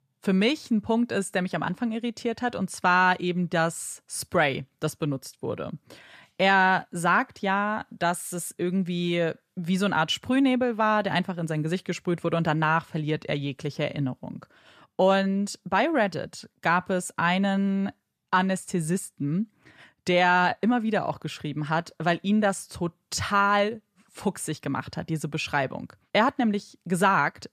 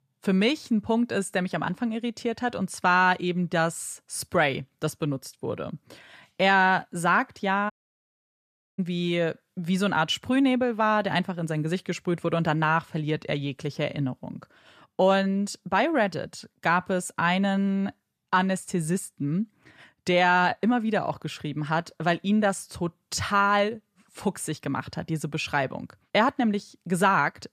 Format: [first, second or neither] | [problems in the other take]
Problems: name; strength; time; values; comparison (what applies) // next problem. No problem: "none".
first | audio cutting out; at 7.5 s for 1 s